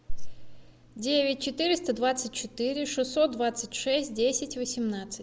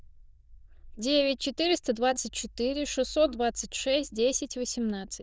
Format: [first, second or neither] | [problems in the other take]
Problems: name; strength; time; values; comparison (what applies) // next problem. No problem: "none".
first | noise reduction (neural diffusion model UNIVERSE++)